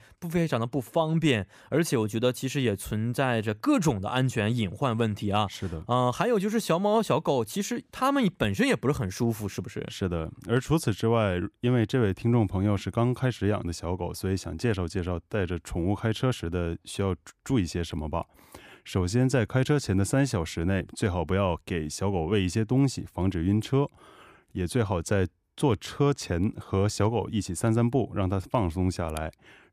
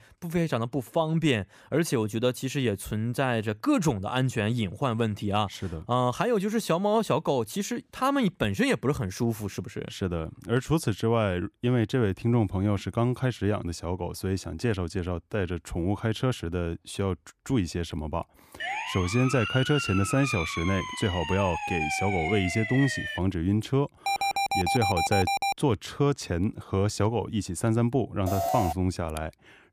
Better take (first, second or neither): first